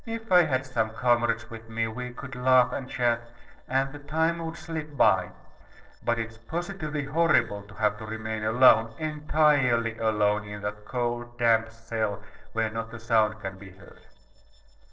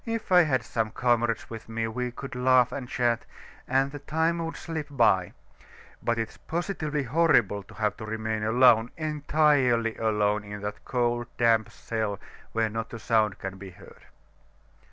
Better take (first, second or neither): second